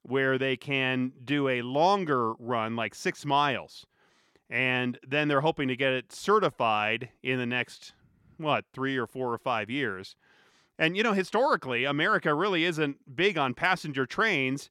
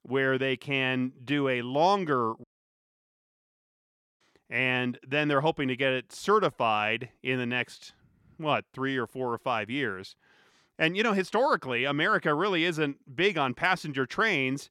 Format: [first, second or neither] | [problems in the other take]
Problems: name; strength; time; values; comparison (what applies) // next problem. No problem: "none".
first | audio cutting out; at 2.5 s for 2 s